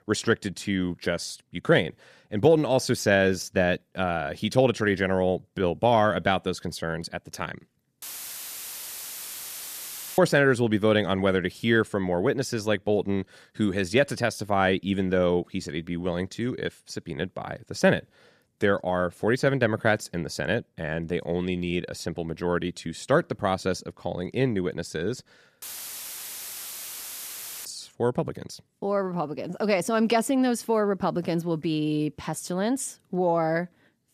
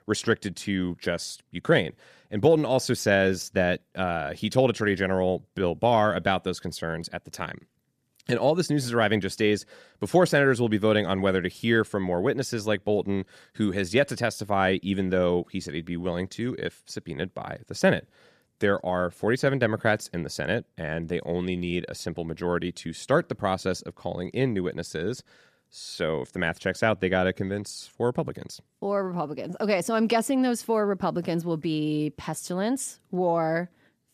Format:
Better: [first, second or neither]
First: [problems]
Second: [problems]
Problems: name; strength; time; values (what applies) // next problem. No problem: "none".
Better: second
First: audio cutting out; filled with static; at 8 s for 2 s and at 26 s for 2 s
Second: none